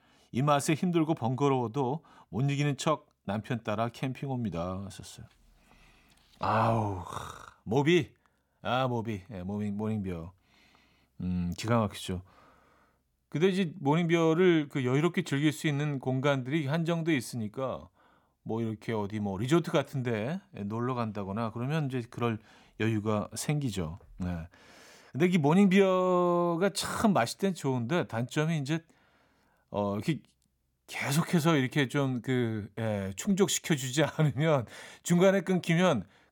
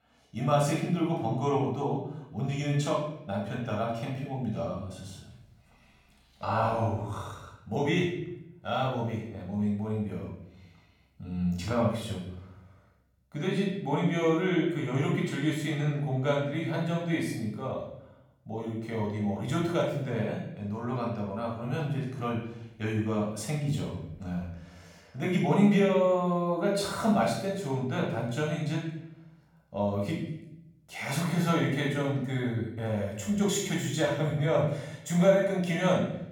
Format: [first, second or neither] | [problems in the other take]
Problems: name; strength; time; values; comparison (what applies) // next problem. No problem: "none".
first | off-mic speech; far // room echo; noticeable; dies away in 0.7 s